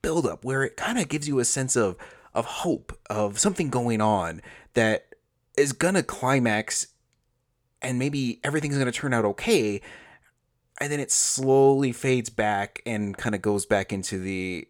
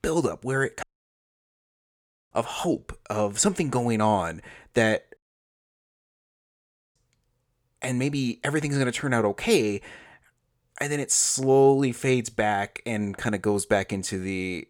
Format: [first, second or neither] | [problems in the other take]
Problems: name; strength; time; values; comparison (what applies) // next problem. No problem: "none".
first | audio cutting out; at 1 s for 1.5 s and at 5 s for 2 s